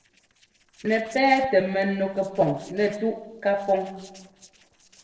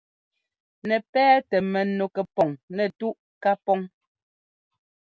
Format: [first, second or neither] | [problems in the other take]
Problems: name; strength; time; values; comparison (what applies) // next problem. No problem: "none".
second | noise reduction (neural separator model SepFormer DNS4)